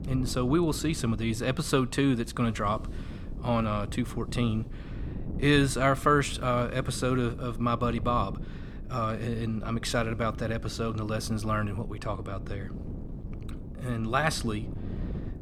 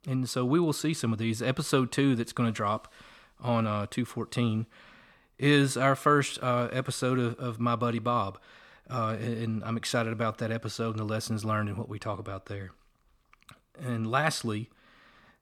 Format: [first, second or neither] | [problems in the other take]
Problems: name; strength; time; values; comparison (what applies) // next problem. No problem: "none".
second | wind noise on the microphone; occasional gusts; 20 dB below the speech